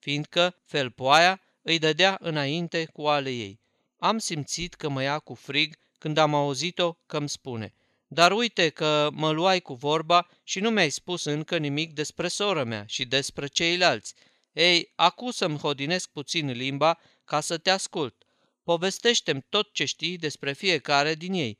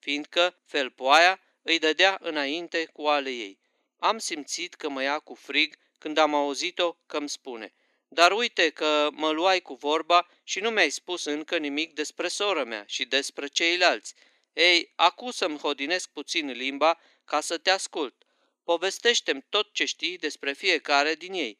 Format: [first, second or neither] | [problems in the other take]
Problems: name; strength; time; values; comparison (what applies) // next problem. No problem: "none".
first | thin; very slightly; fading below 300 Hz